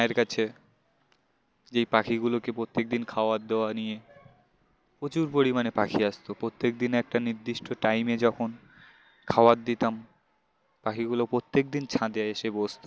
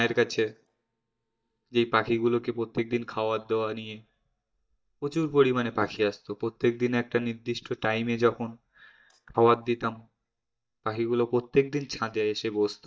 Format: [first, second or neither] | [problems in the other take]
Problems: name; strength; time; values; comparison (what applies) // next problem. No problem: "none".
first | noise reduction (neural mask model DeepFilterNet 3)